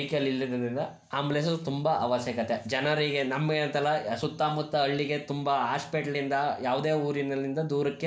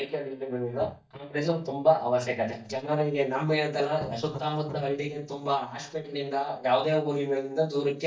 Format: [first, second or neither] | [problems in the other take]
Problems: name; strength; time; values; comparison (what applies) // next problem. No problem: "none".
first | noise reduction (neural mask model DeepFilterNet 3)